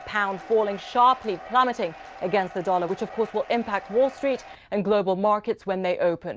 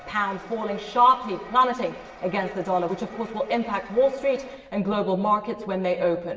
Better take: first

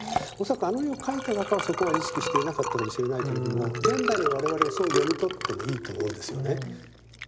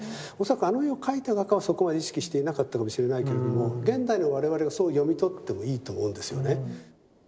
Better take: second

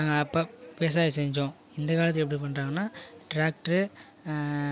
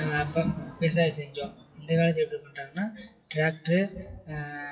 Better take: first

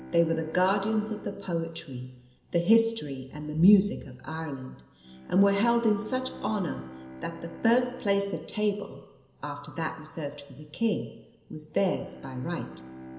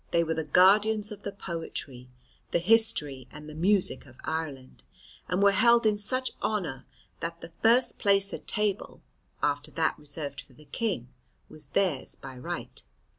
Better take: second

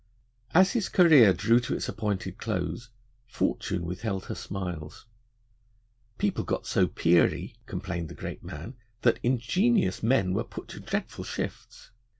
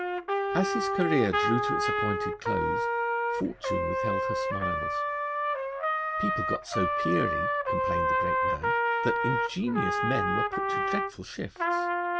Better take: first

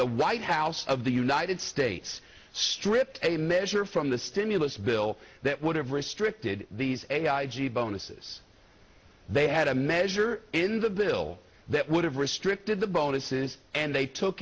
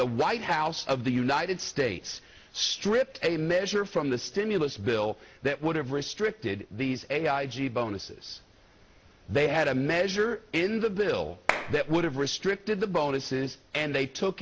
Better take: first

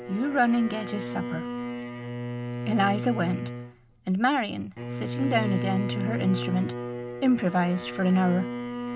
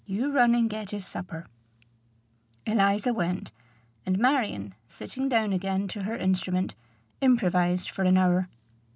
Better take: second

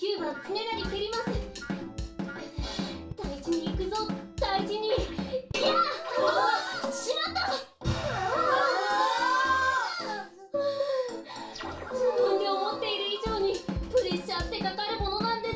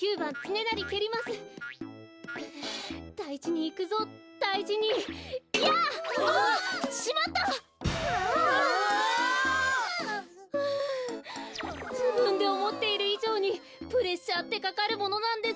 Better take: second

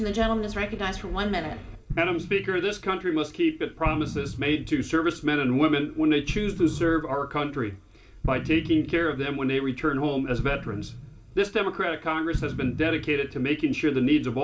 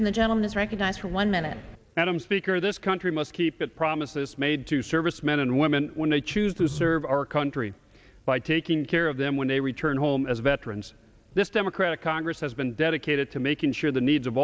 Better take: second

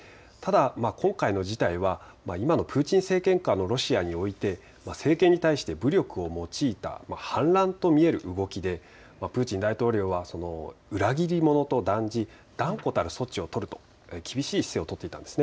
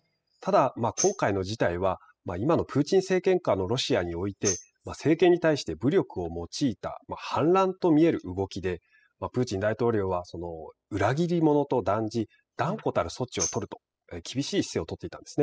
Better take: first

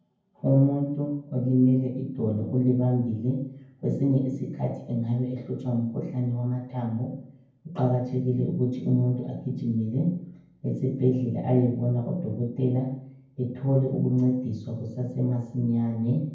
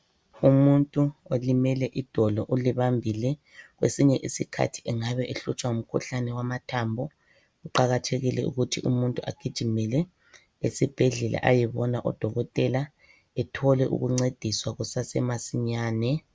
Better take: second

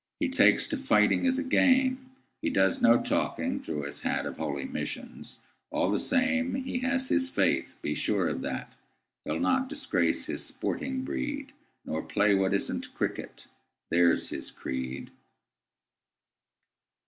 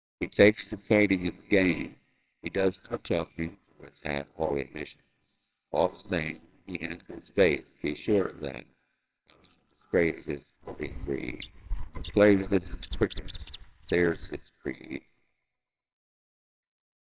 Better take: first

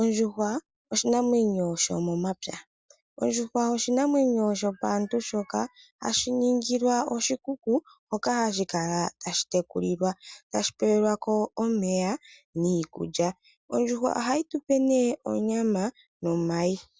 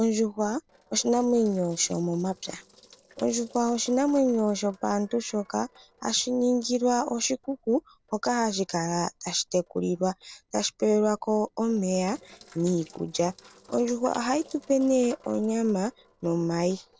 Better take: first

